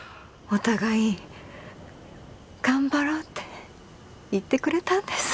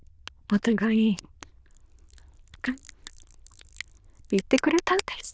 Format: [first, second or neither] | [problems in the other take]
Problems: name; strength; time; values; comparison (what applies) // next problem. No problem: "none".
first | noise reduction (neural diffusion model UNIVERSE++)